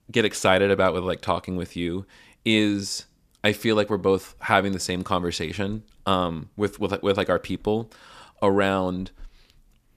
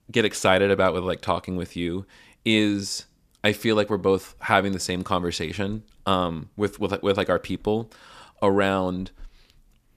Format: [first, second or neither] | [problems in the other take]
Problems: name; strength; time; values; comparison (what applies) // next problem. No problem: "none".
neither | none